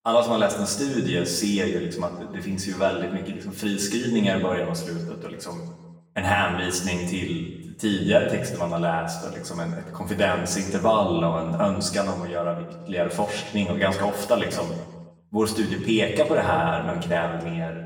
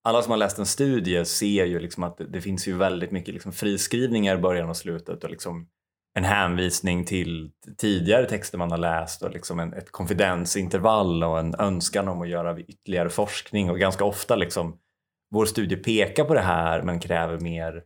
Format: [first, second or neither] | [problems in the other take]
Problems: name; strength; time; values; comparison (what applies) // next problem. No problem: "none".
second | room echo; noticeable; dies away in 1 s // off-mic speech; far